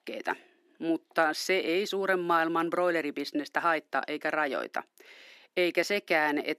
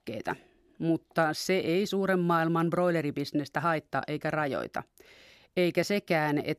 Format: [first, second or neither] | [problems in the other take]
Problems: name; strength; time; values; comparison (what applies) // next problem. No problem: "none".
second | thin; somewhat; fading below 250 Hz